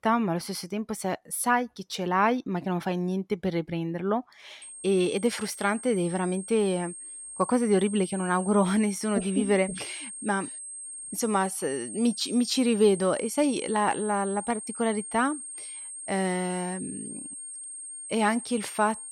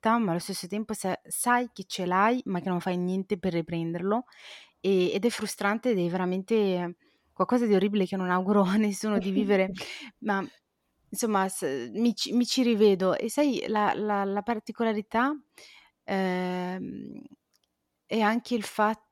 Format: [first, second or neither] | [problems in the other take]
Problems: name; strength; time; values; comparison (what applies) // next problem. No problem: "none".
second | high-pitched whine; loud; from 4.5 s on; 8.5 kHz, 10 dB below the speech